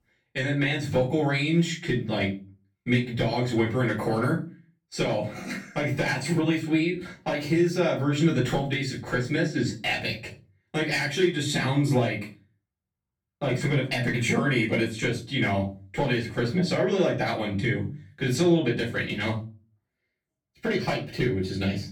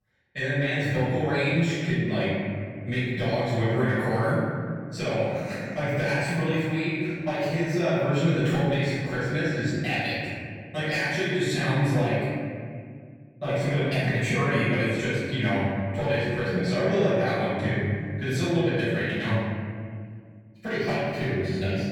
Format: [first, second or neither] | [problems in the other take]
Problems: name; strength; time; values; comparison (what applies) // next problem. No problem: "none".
first | room echo; strong; dies away in 2.2 s; slight in the first // off-mic speech; far; far in the first